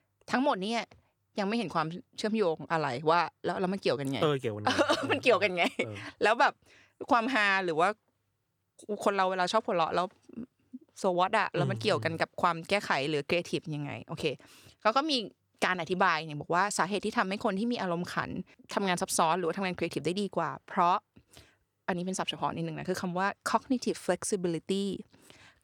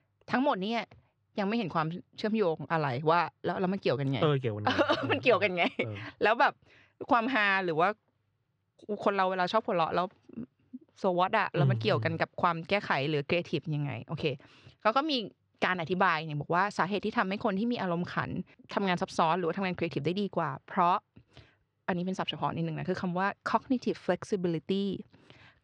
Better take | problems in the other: first | muffled; very slightly; fading above 4 kHz

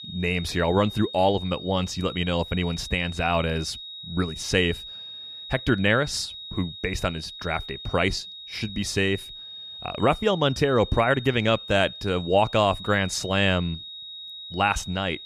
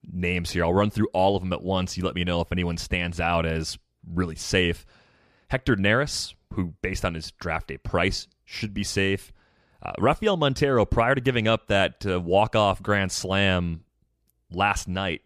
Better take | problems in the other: second | high-pitched whine; noticeable; throughout; 4 kHz, 10 dB below the speech

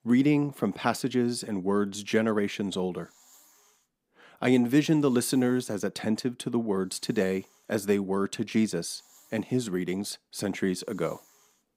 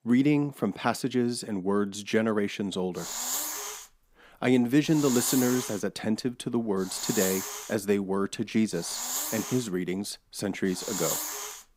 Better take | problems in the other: first | hiss; loud; from 3 s on; 4 dB below the speech; faint in the first

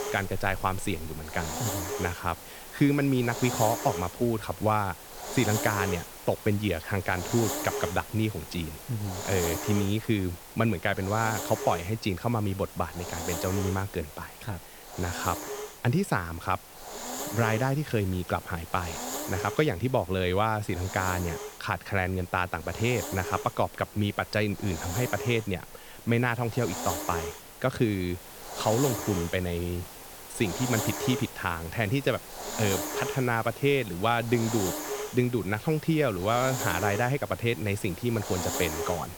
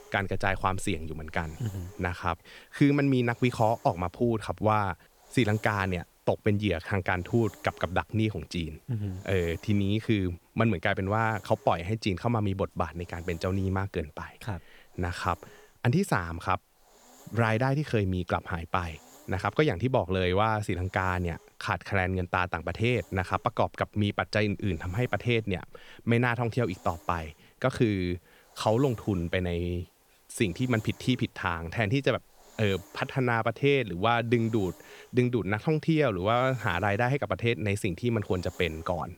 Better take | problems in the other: second | hiss; loud; throughout; 7 dB below the speech; faint in the second

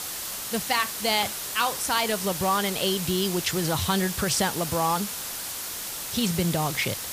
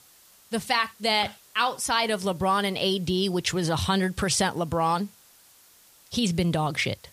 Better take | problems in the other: second | hiss; loud; throughout; 4 dB below the speech; faint in the second

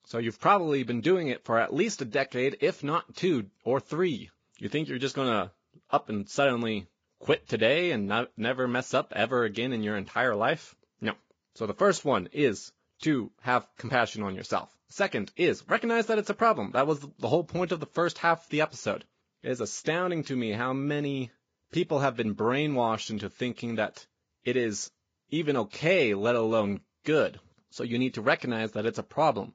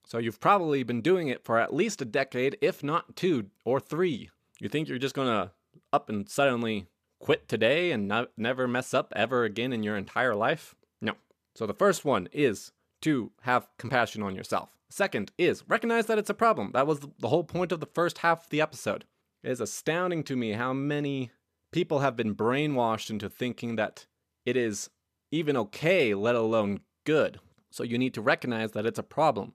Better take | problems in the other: second | garbled, watery; badly; nothing above 7.5 kHz

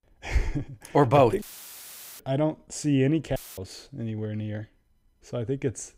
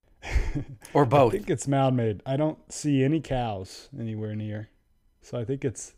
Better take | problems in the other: second | audio cutting out; filled with static; at 1.5 s for 1 s and at 3.5 s

